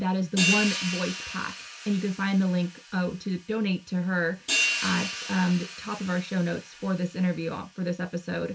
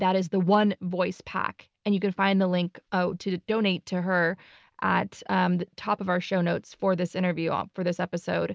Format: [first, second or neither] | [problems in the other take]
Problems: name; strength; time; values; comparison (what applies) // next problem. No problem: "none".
second | background sound (Hi-hat); 6 dB below the speech // room echo; dies away in 0.2 s